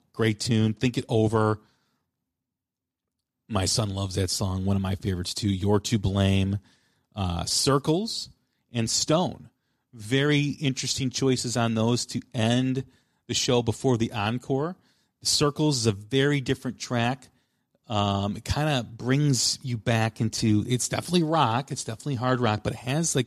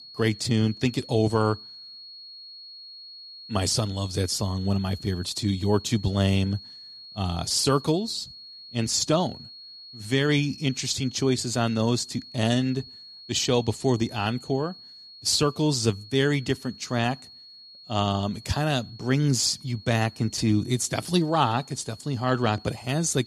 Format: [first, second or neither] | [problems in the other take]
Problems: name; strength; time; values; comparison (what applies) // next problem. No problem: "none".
first | high-pitched whine; noticeable; throughout; 4.5 kHz, 15 dB below the speech